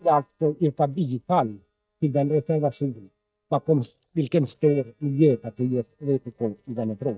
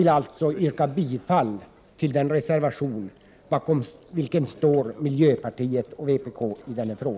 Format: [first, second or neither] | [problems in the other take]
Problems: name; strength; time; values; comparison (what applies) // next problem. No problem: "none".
second | noise reduction (neural mask model DeepFilterNet 3)